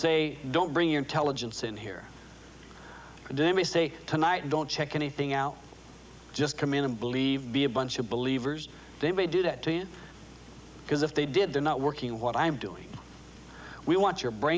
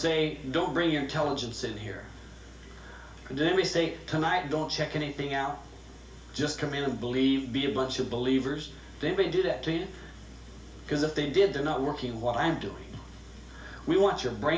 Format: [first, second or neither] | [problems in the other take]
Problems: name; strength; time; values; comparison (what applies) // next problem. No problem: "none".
first | room echo; dies away in 0.4 s